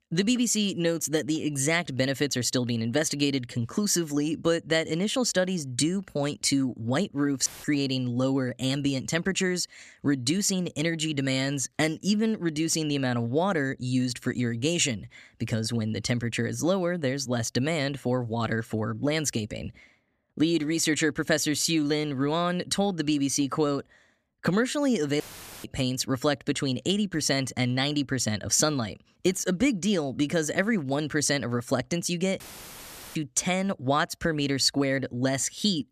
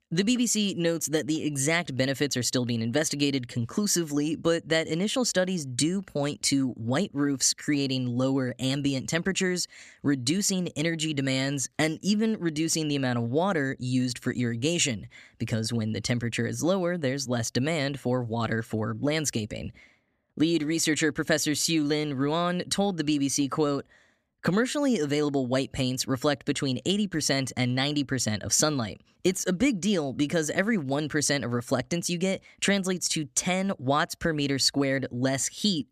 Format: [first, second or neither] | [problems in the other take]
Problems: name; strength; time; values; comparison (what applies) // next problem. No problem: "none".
second | audio cutting out; filled with static; at 7.5 s, at 25 s and at 32 s for 1 s